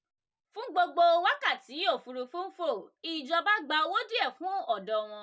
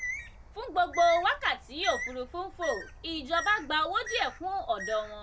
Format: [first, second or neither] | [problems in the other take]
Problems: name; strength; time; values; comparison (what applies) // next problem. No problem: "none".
first | background sound (Bird); 11 dB below the speech